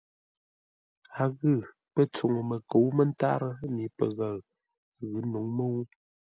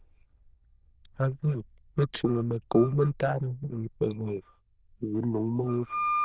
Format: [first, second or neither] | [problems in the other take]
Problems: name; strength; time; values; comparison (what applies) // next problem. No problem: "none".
first | noise reduction (neural diffusion model UNIVERSE++)